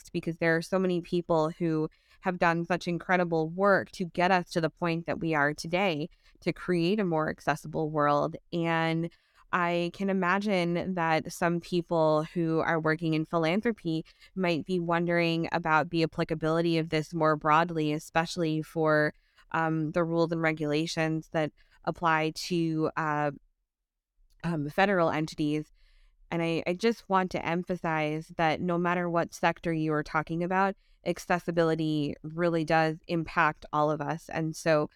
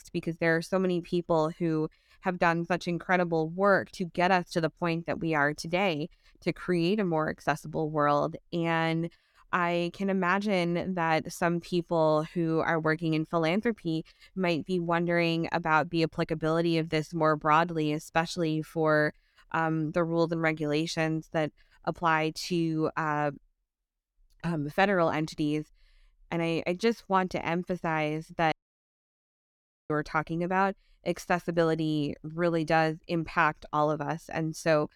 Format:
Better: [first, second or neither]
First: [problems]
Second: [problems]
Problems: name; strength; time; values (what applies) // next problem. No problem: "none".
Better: first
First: none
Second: audio cutting out; at 29 s for 1.5 s